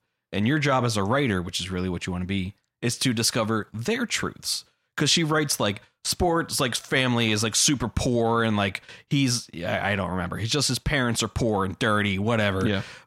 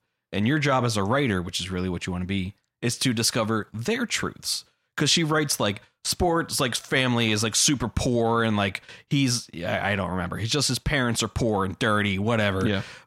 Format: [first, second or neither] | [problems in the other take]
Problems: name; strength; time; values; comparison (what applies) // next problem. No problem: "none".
neither | none